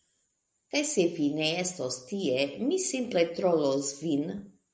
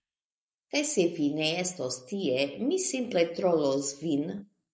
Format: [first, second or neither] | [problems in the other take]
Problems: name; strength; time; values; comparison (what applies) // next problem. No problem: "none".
first | noise reduction (neural mask model Resemble Enhance denoiser)